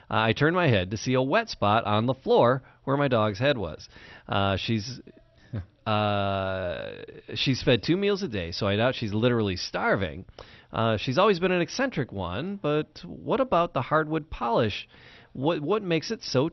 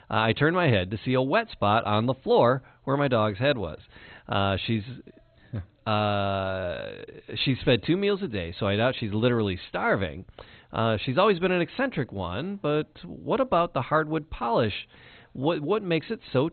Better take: first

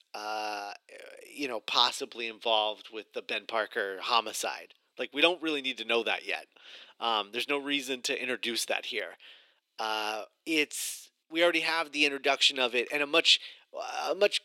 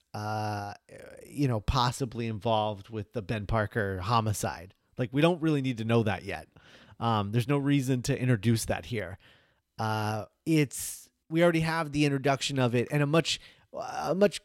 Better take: second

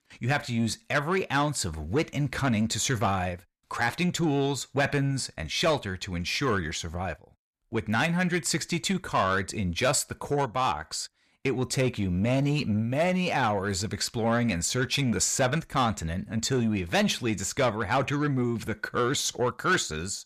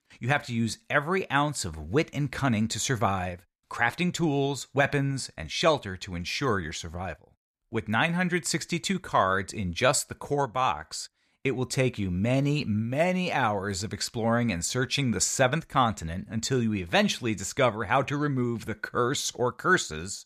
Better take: second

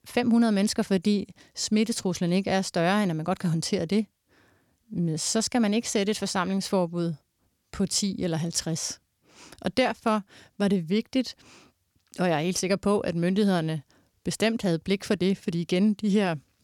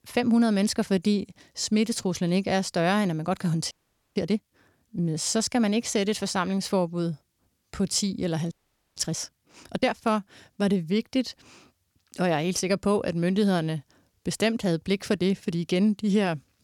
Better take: first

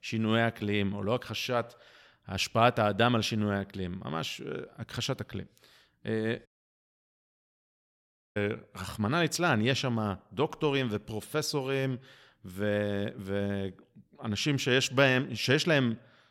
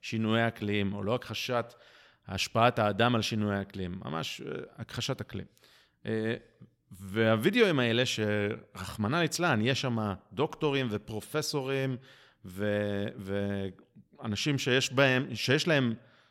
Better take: second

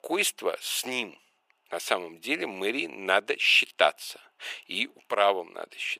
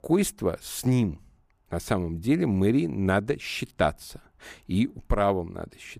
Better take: second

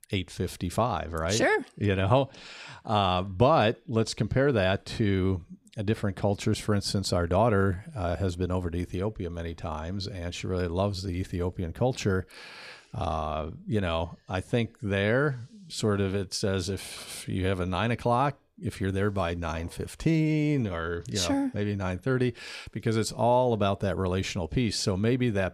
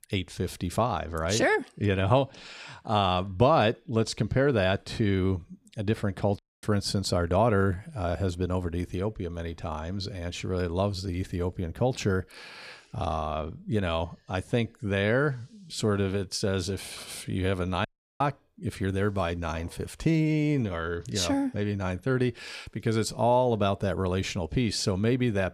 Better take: first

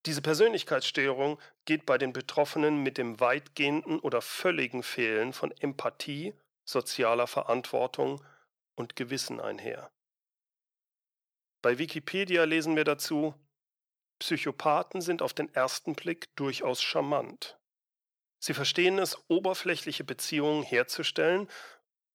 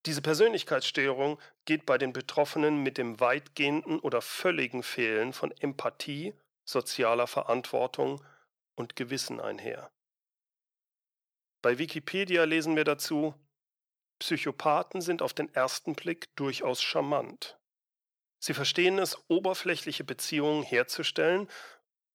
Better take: neither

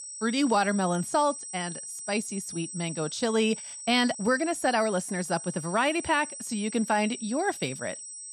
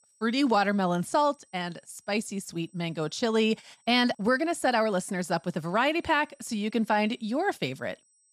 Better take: second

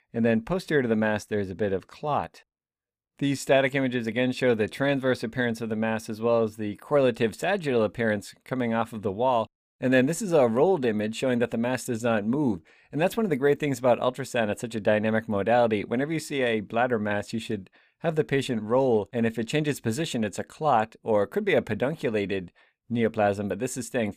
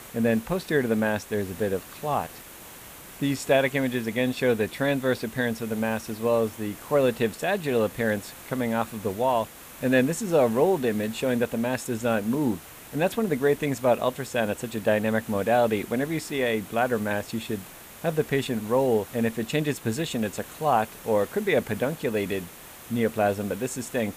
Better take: first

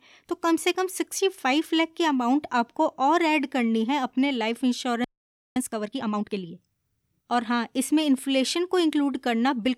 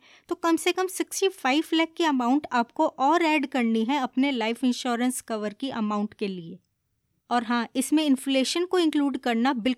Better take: second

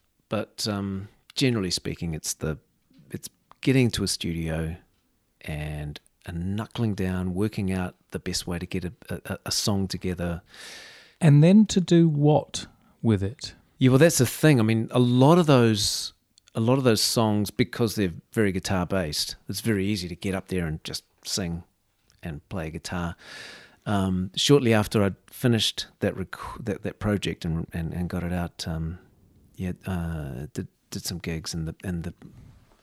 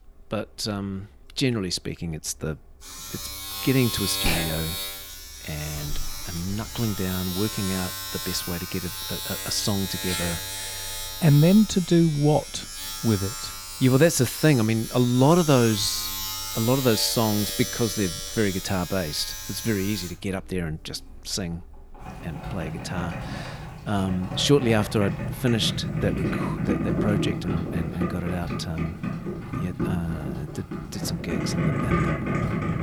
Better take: first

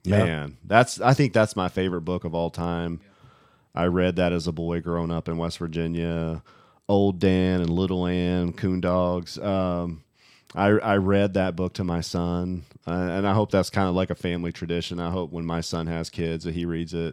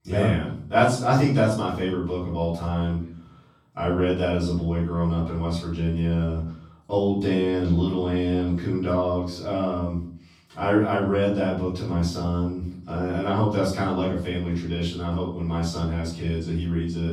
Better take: first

